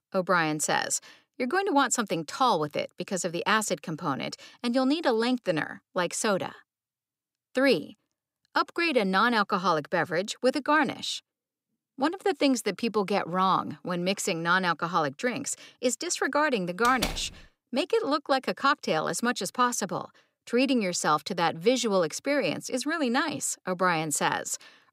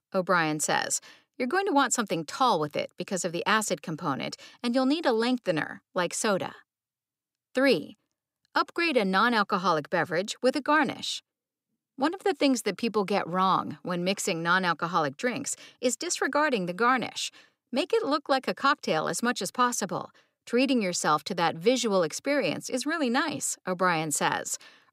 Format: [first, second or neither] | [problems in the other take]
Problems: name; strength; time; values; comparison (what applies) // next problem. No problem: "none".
second | door banging; noticeable; at 17 s; peak 5 dB below the speech